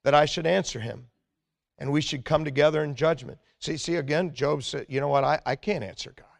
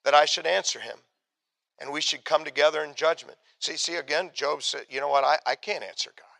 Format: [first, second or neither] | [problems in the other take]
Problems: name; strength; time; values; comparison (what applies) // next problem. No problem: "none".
first | thin; very; fading below 750 Hz